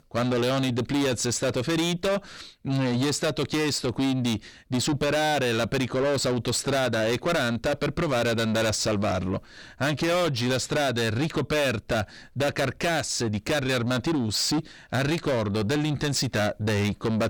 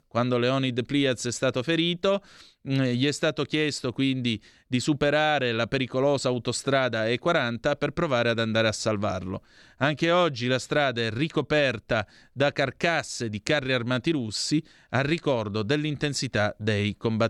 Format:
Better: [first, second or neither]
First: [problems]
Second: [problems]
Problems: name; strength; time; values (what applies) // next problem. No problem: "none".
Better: second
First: distortion; heavy; 6 dB below the speech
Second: none